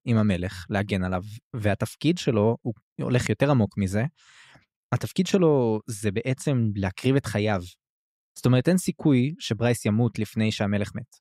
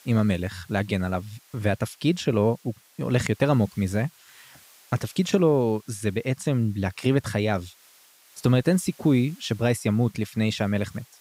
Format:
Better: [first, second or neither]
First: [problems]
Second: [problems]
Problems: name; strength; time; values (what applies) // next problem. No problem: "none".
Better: first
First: none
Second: hiss; faint; throughout; 25 dB below the speech